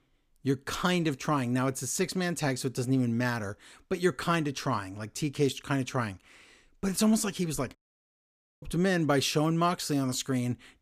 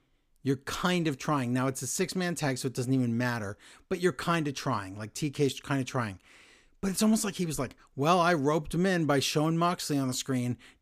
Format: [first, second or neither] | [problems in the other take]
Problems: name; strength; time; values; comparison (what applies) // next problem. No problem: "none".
second | audio cutting out; at 8 s for 1 s